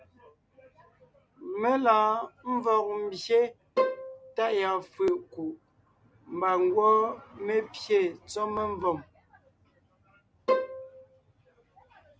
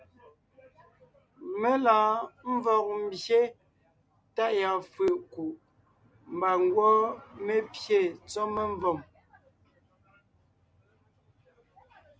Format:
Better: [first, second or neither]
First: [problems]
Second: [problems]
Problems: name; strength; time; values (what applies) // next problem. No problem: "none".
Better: second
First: background sound (Bowed string instrument); 1 dB below the speech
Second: none